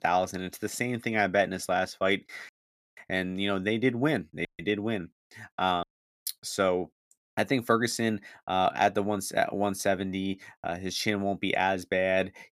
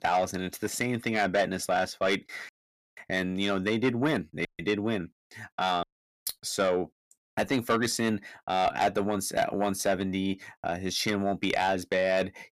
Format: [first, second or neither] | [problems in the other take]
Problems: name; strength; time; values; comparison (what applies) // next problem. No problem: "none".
first | distortion; slight; 10 dB below the speech